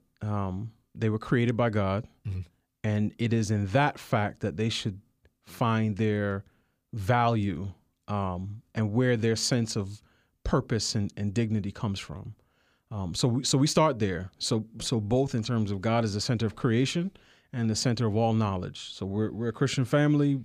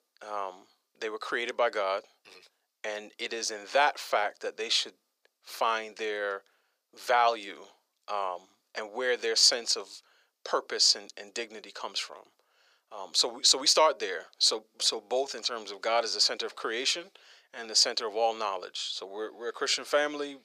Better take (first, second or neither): first